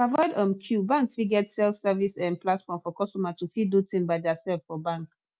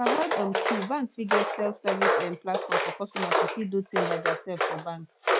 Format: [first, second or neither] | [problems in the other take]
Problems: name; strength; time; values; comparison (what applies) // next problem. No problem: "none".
first | background sound (Walk, footsteps); 3 dB above the speech